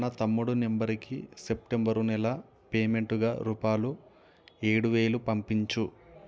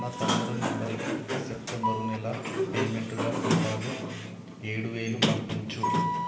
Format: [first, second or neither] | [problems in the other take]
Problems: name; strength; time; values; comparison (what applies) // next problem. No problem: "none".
first | background sound (Sliding door); 3 dB above the speech // room echo; dies away in 2.5 s